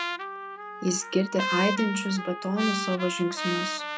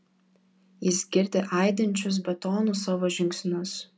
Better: second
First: background sound (Trumpet); 4 dB below the speech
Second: none

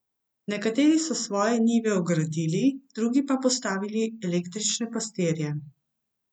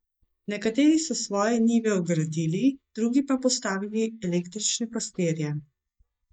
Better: first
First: none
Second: noise reduction (neural mask model DeepFilterNet 3)

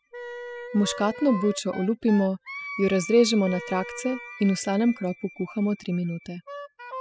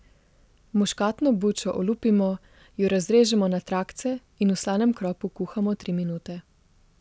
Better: second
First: noise reduction (classical method spectral subtraction)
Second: none

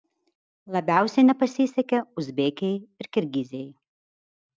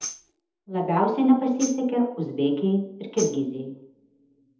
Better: first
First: none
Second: background sound (Tambourine); 16 dB below the speech // room echo; dies away in 0.7 s

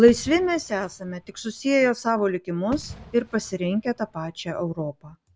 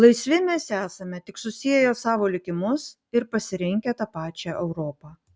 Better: second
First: background sound (Fireworks); 20 dB below the speech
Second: none

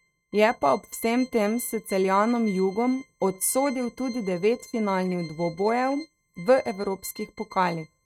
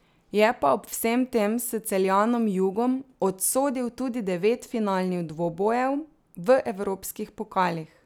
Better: second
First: noise reduction (neural mask model RNNoise)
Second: none

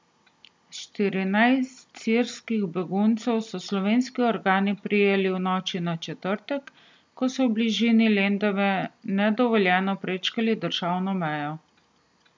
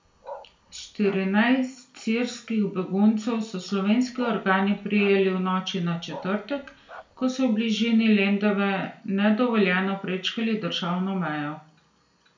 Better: first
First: none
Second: background sound (Bark); 20 dB below the speech // room echo; dies away in 0.4 s

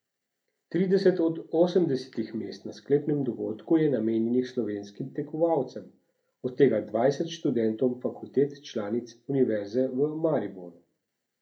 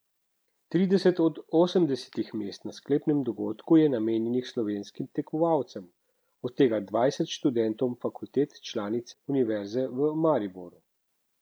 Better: second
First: room echo; dies away in 0.3 s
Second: none

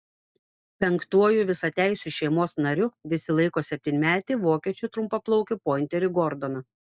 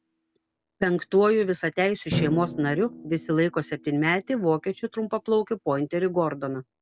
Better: first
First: none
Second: background sound (Drum); 13 dB below the speech

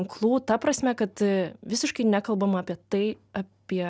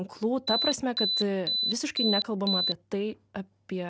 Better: first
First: none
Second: background sound (Alarm); 1 dB above the speech

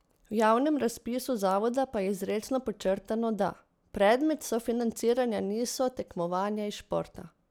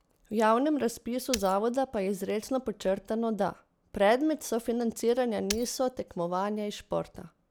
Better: first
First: none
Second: background sound (Shatter); 8 dB below the speech

